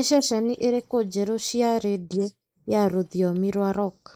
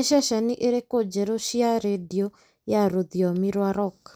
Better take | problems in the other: second | noise reduction (neural mask model Resemble Enhance denoiser)

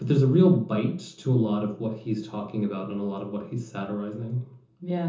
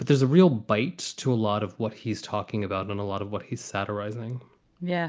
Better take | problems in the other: second | room echo; dies away in 0.6 s

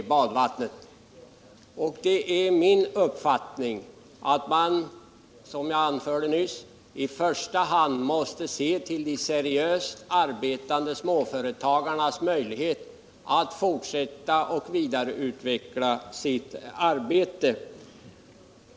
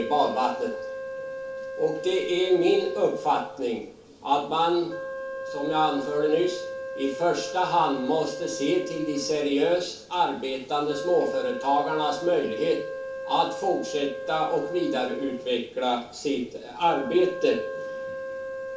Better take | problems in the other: first | background sound (Wind instrument, woodwind instrument); 9 dB below the speech // room echo; dies away in 0.4 s

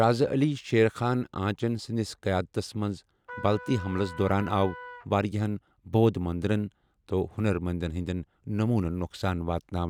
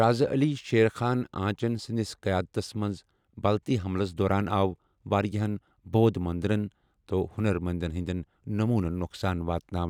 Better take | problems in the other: second | background sound (Trumpet); 15 dB below the speech

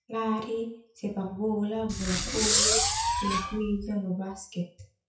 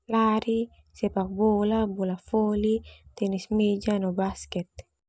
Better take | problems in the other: second | noise reduction (classical method WPE with log-MMSE)

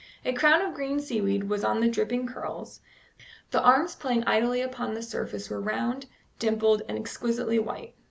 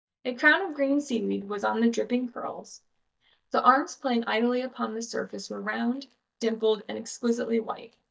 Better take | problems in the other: first | noise reduction (neural mask model DeepFilterNet 3)

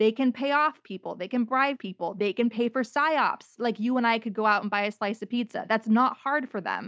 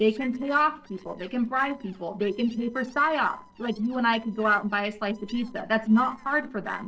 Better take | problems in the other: first | noise reduction (neural separator model SepFormer DNS4)

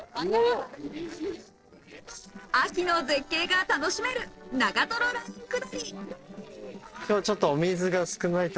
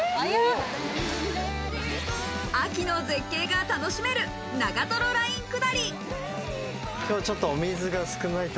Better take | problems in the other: second | noise reduction (neural separator model SepFormer DNS4)

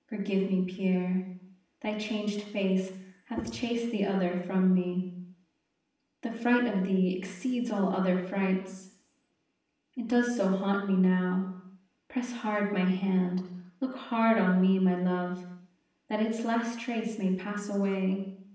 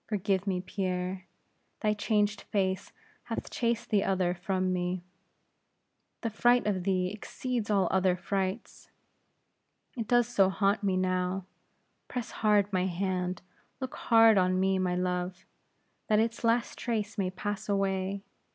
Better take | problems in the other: second | room echo; dies away in 0.8 s

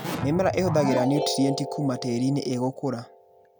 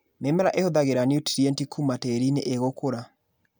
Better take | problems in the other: second | background sound (Keyboard (musical)); 6 dB below the speech

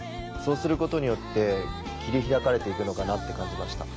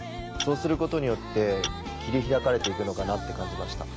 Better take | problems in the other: first | background sound (Tap / Glass); 12 dB below the speech

